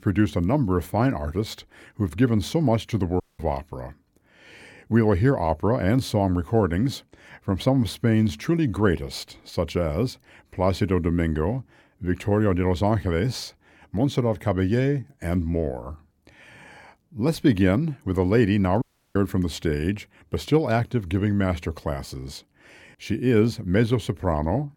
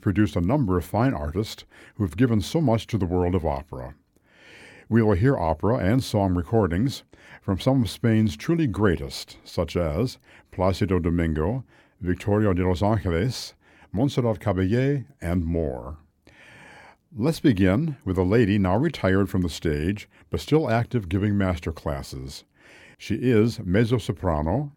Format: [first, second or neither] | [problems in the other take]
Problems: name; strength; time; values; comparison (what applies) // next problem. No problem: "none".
second | audio cutting out; at 3 s and at 19 s